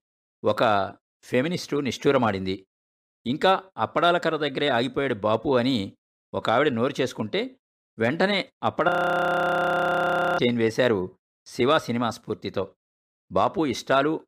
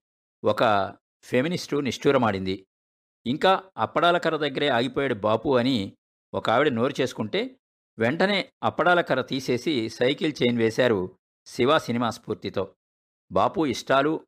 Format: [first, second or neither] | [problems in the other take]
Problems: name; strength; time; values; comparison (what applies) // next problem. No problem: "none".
second | audio freezing; at 9 s for 1.5 s